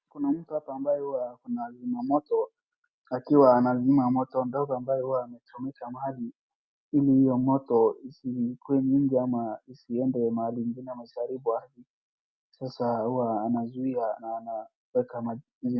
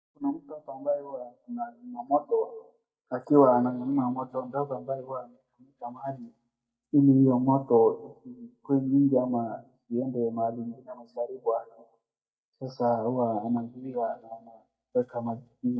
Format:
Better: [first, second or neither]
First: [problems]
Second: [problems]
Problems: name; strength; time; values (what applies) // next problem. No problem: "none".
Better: first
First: none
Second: noise reduction (neural mask model DeepFilterNet 3)